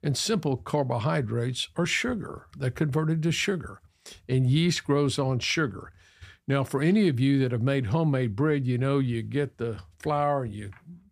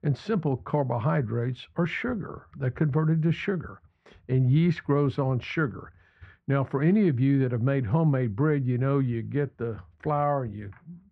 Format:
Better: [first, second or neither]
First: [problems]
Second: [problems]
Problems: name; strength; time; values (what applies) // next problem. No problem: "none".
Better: first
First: none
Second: muffled; very; fading above 1.5 kHz